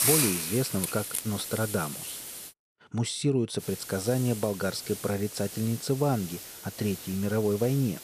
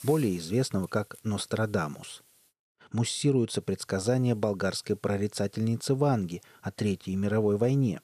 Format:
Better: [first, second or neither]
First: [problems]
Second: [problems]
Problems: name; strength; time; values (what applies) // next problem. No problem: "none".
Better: second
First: hiss; loud; until 2.5 s and from 3.5 s on; 5 dB below the speech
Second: hiss; faint; until 2.5 s and from 3.5 s on; 25 dB below the speech